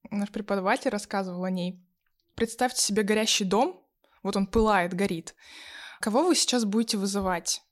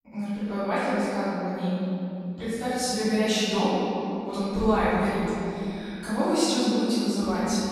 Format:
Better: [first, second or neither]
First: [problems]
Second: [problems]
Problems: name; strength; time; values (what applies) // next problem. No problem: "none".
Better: first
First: none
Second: off-mic speech; far // room echo; strong; dies away in 3 s